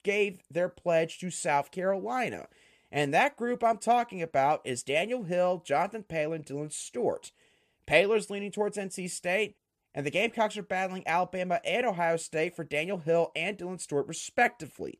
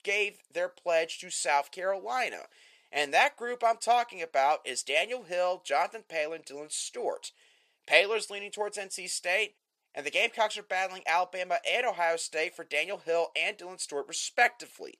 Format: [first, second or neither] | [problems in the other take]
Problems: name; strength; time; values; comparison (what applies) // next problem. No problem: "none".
first | thin; very; fading below 600 Hz